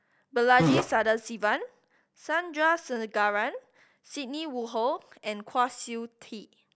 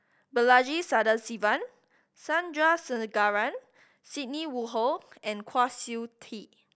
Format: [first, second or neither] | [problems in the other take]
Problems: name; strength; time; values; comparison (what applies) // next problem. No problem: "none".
second | background sound (Fart); 3 dB above the speech